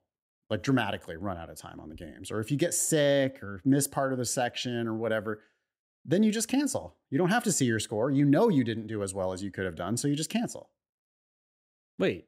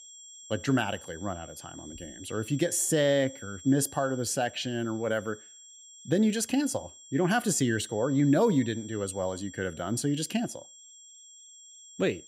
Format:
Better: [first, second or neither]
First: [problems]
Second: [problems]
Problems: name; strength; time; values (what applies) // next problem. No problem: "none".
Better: first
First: none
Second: high-pitched whine; noticeable; throughout; 7.5 kHz, 20 dB below the speech